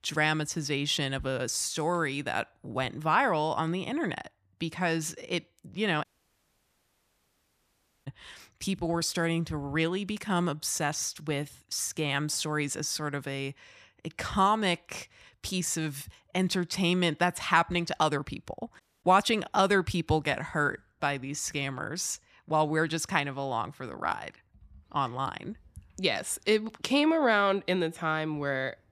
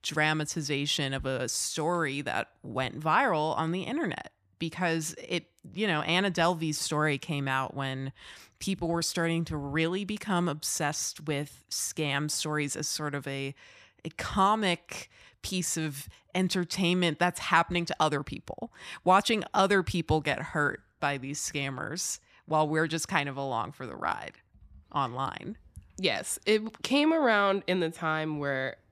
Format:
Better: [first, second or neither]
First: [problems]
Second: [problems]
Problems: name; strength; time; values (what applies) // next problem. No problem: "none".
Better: second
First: audio cutting out; at 6 s for 2 s and at 19 s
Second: none